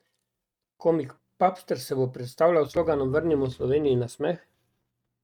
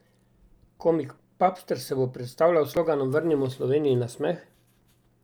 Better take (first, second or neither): second